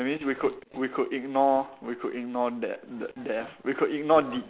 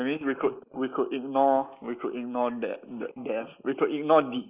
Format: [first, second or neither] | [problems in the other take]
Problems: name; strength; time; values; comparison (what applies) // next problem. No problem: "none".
first | noise reduction (neural mask model Resemble Enhance denoiser)